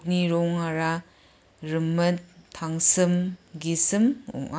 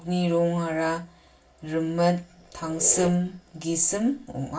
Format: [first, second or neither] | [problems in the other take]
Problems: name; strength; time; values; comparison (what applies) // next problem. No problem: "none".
first | background sound (Squeak); 17 dB below the speech // room echo; dies away in 0.2 s